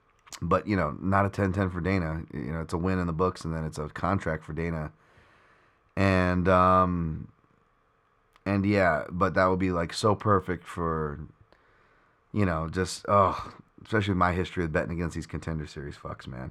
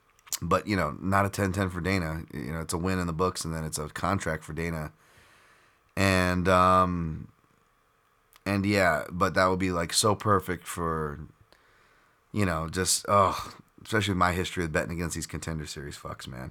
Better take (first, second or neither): second